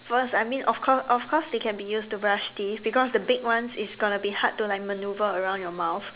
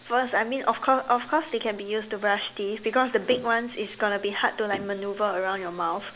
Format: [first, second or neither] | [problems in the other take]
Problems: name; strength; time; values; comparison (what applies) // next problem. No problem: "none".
first | background sound (Motor vehicle (road)); 17 dB below the speech